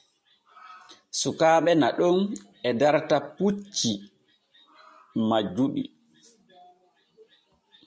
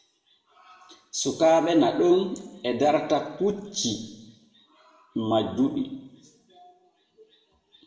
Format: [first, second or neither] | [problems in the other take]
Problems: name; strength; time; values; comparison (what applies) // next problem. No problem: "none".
first | room echo; dies away in 1 s